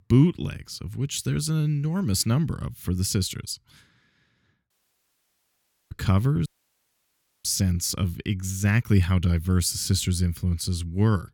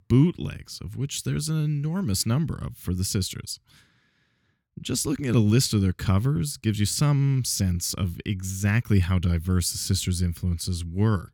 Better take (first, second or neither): second